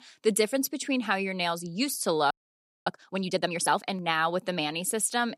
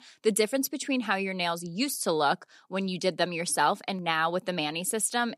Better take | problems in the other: second | audio freezing; at 2.5 s for 0.5 s

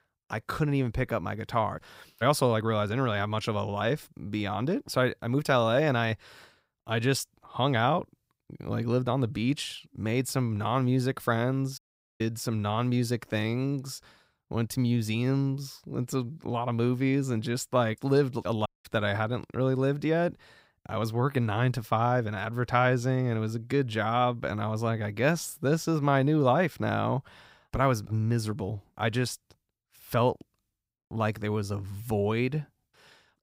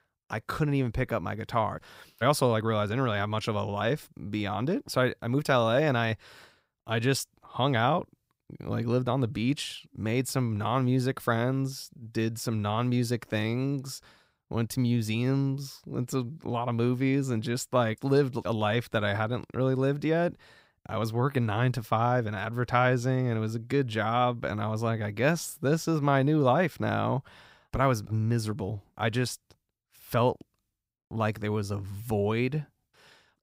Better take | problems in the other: second | audio cutting out; at 12 s and at 19 s

